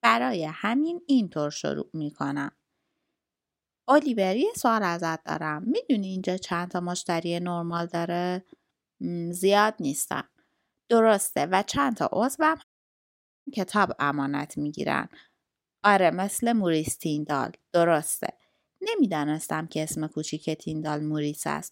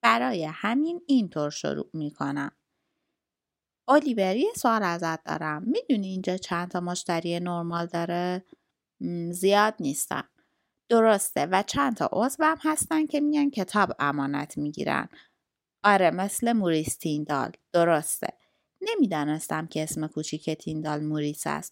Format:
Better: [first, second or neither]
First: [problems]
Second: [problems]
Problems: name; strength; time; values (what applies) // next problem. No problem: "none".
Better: second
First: audio cutting out; at 13 s for 1 s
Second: none